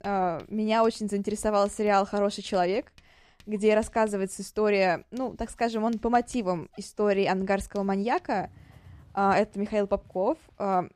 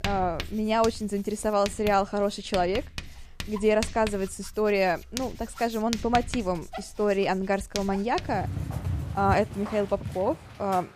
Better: first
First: household noises; faint; throughout; 30 dB below the speech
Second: household noises; loud; throughout; 10 dB below the speech

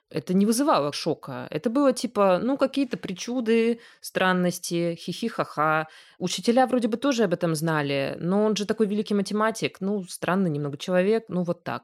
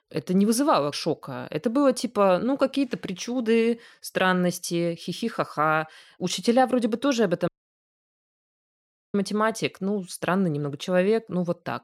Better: first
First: none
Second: audio cutting out; at 7.5 s for 1.5 s

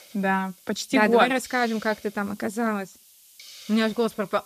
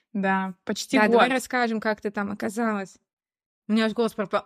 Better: second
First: hiss; faint; throughout; 20 dB below the speech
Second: none

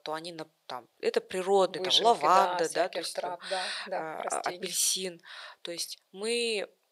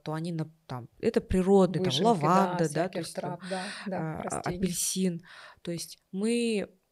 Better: second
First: thin; very; fading below 600 Hz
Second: none

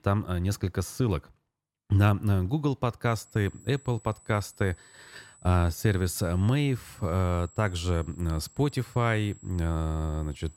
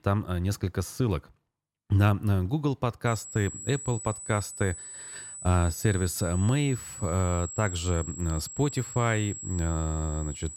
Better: first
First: high-pitched whine; faint; from 3 s on; 8 kHz, 25 dB below the speech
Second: high-pitched whine; loud; from 3 s on; 8 kHz, 9 dB below the speech

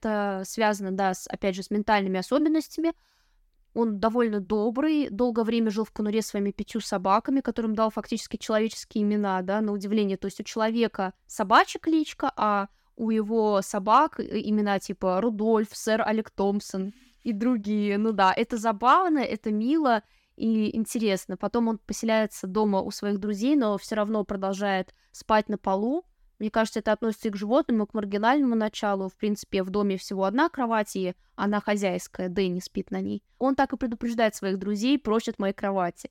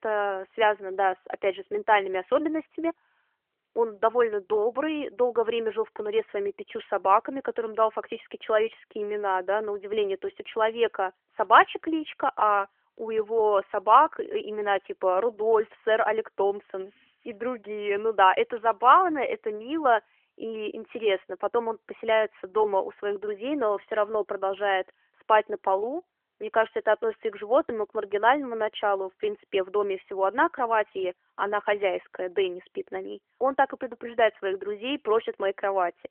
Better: first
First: none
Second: phone-call audio; nothing above 3 kHz

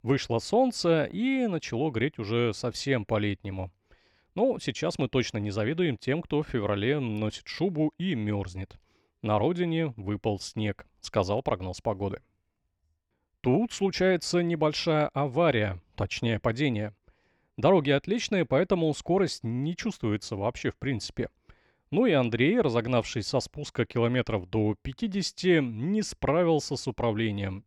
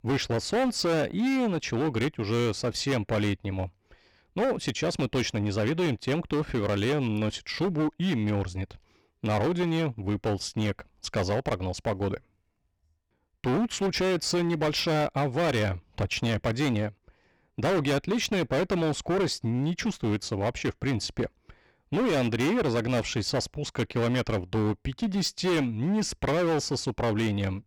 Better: first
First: none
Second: distortion; heavy; 17% of the sound clipped

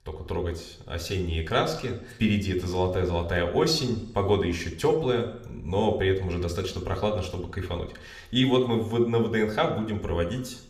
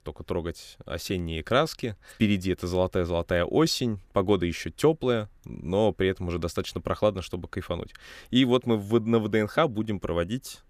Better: second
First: room echo; slight; dies away in 0.6 s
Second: none

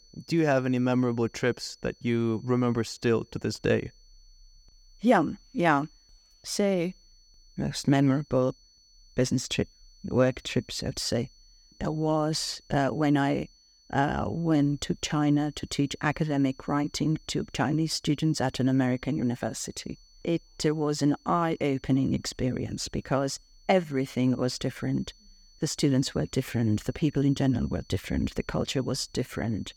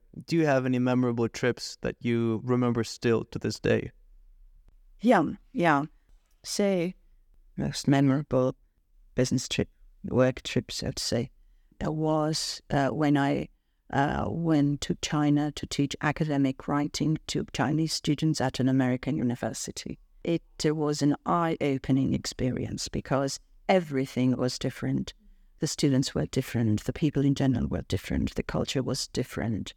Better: second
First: high-pitched whine; faint; throughout; 4.5 kHz, 30 dB below the speech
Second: none

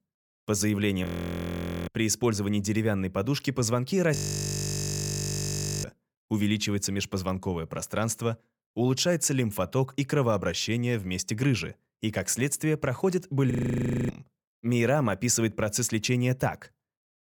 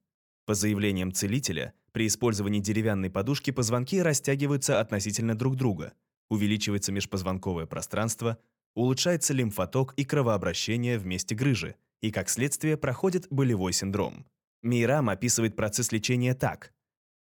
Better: second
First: audio freezing; at 1 s for 1 s, at 4 s for 1.5 s and at 14 s for 0.5 s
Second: none

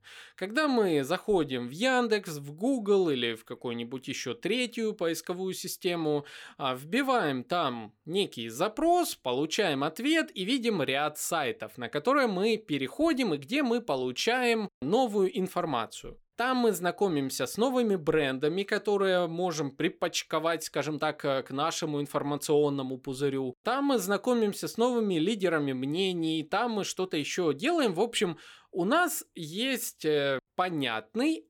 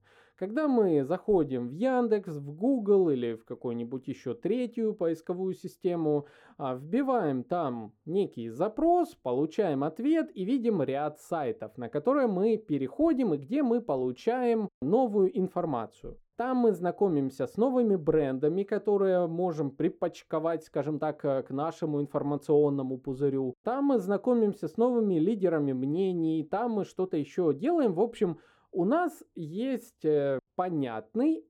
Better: first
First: none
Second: muffled; very; fading above 1.5 kHz

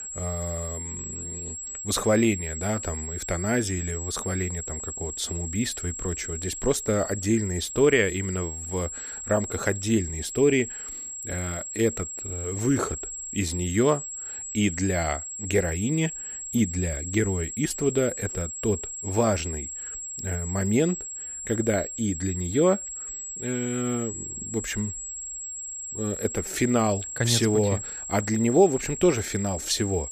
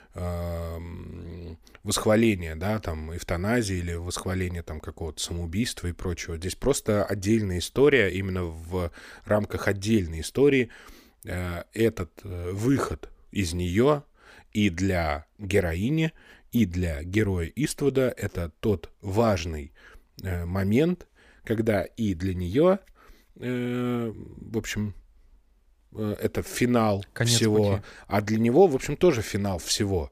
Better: second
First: high-pitched whine; loud; throughout; 7.5 kHz, 6 dB below the speech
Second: none

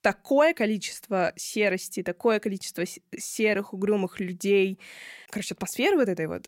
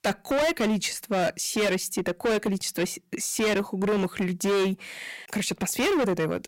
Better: first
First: none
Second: distortion; heavy; 20% of the sound clipped

